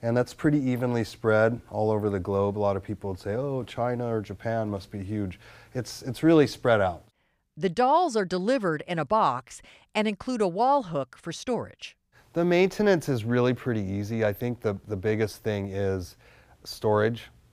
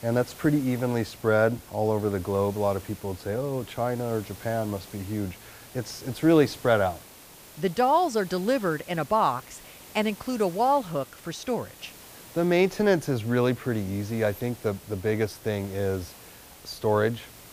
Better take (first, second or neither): first